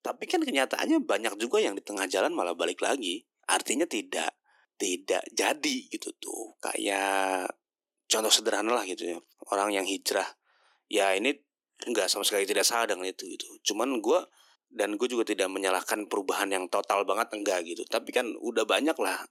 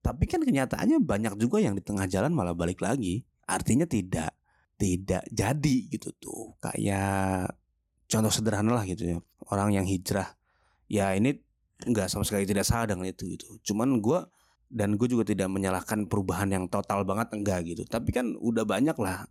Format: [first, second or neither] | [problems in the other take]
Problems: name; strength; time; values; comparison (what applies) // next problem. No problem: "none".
second | thin; somewhat; fading below 300 Hz